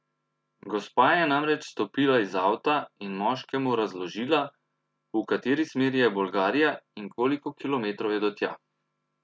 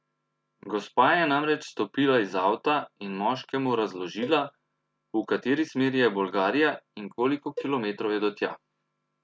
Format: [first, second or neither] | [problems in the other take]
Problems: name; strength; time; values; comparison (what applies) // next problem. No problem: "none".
first | background sound (Cowbell); 16 dB below the speech